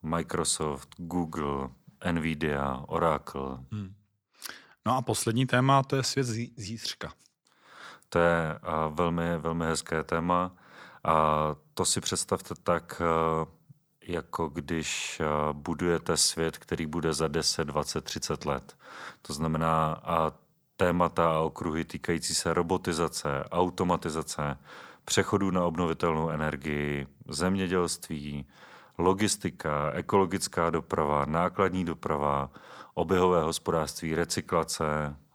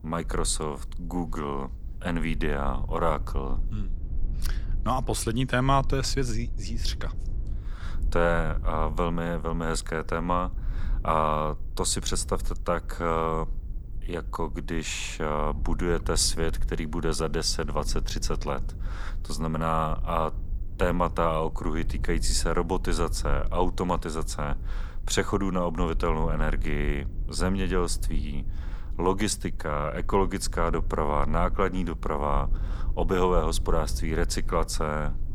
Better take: first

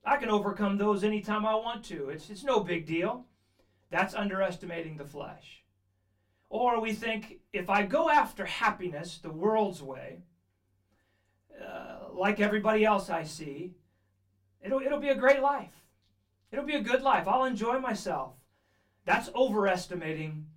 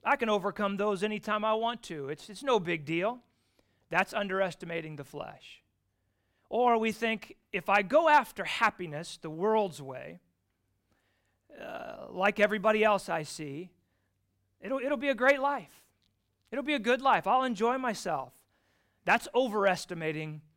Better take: second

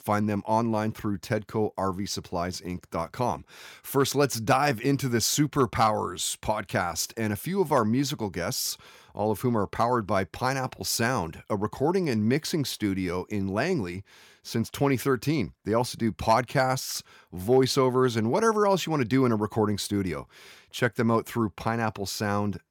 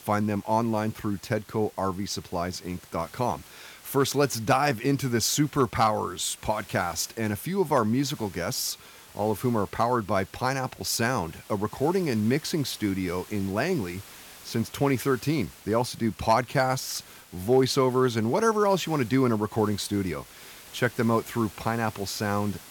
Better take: first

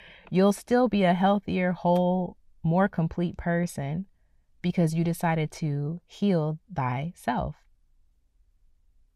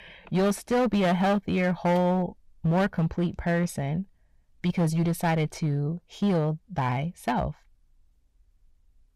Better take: first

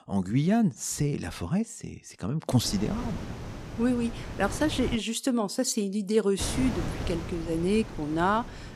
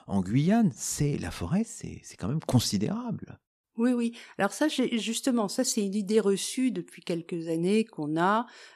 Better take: second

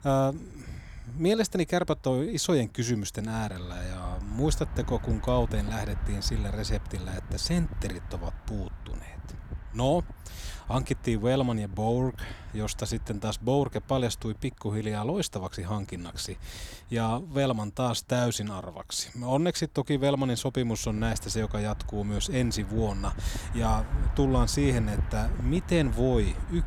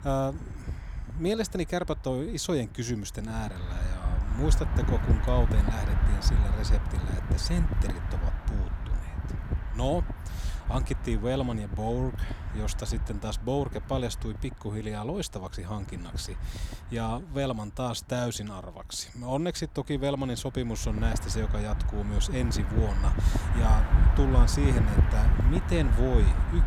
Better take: first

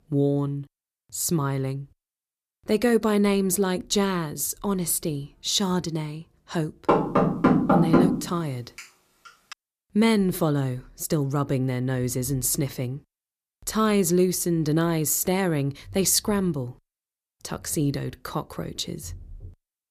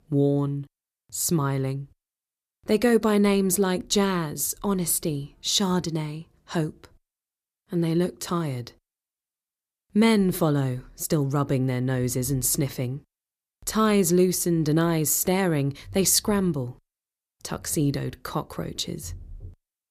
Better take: second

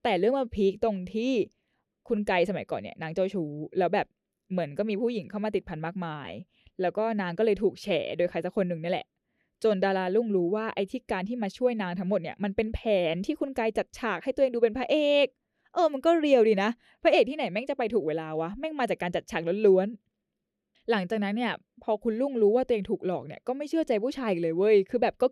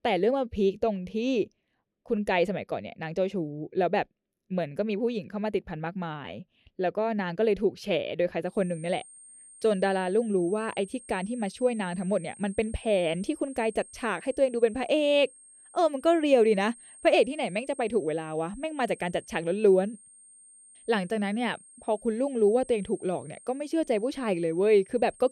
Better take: first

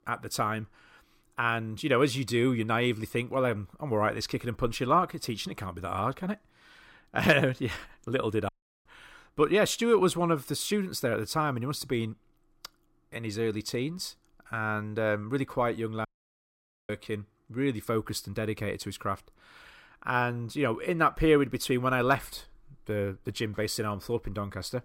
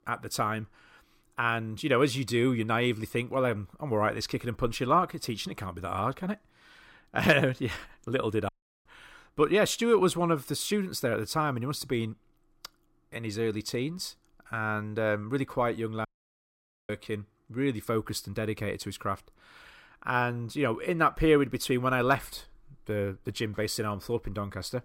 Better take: neither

